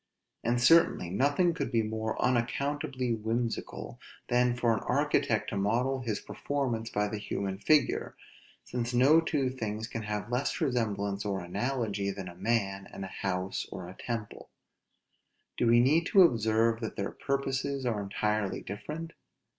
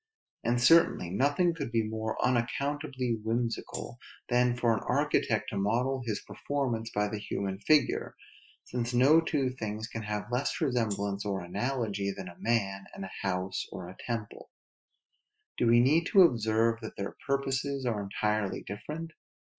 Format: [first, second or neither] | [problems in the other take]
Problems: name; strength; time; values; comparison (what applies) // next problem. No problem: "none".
first | noise reduction (classical method Wiener filter)